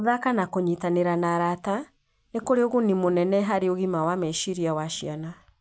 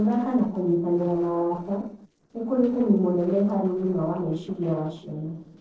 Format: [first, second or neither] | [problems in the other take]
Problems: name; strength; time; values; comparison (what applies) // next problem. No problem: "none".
first | noise reduction (neural separator model SepFormer DNS4)